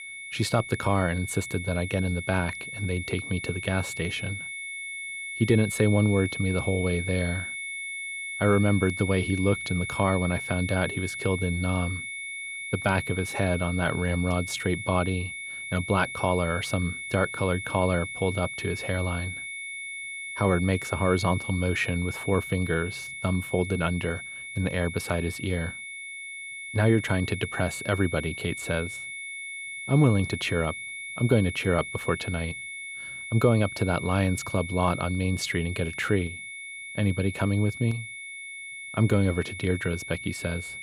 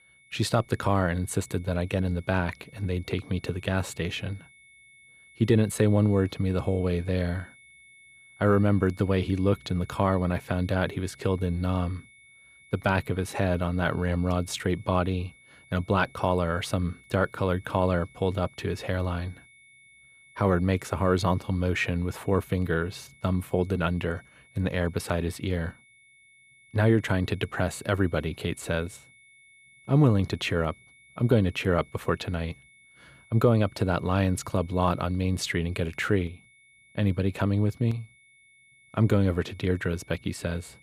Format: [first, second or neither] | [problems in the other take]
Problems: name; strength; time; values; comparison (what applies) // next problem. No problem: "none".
second | high-pitched whine; loud; throughout; 2 kHz, 7 dB below the speech; faint in the second